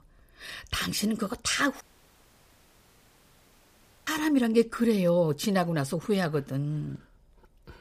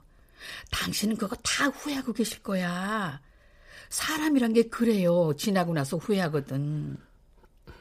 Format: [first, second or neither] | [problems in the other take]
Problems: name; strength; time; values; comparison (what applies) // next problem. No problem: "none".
second | audio cutting out; at 2 s for 2.5 s